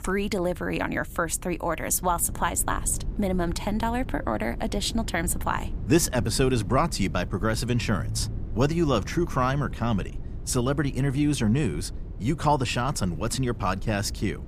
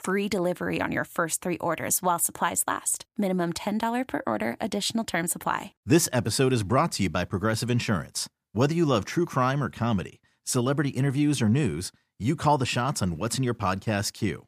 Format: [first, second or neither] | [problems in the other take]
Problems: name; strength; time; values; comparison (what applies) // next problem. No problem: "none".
second | low rumble; faint; throughout; 20 dB below the speech